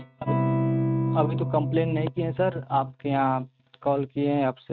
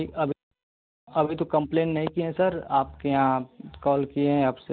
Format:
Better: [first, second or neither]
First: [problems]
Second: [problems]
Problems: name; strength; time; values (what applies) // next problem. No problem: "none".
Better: second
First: noise reduction (neural mask model RNNoise)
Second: none